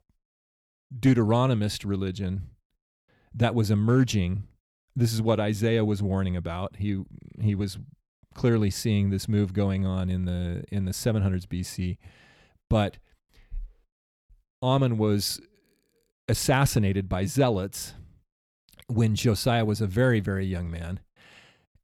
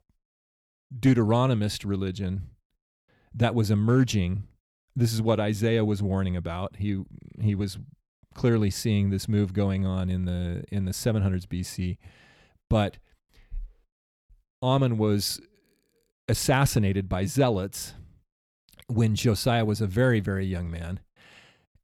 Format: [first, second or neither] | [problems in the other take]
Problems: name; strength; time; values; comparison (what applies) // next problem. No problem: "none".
neither | none